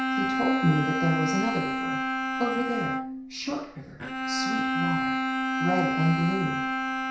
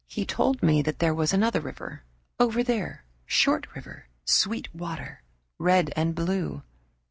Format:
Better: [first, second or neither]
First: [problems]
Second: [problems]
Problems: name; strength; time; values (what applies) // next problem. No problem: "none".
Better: second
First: background sound (Bowed string instrument); 2 dB above the speech // room echo; dies away in 0.6 s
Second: none